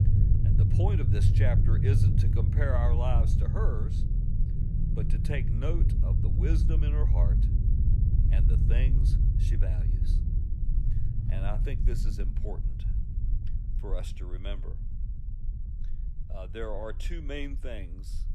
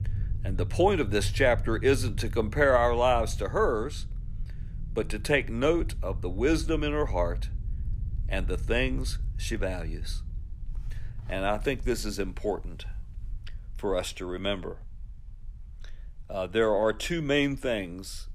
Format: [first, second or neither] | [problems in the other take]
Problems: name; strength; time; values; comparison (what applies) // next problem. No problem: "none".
second | low rumble; loud; throughout; 2 dB below the speech; faint in the second